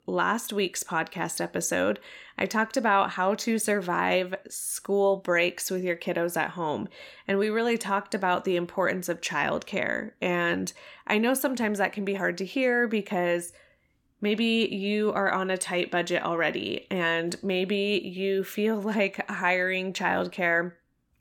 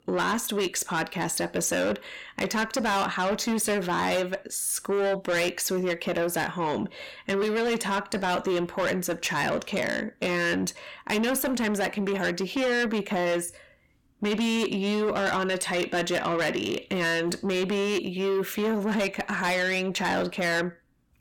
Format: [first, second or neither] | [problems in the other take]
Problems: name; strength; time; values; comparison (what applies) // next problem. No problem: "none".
first | distortion; heavy; 7 dB below the speech